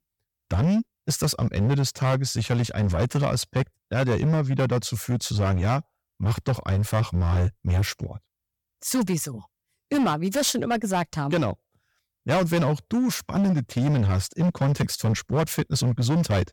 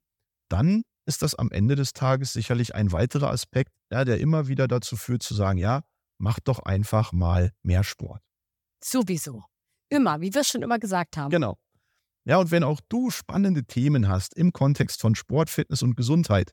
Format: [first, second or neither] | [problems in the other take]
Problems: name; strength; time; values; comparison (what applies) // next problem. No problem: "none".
second | distortion; slight; 14% of the sound clipped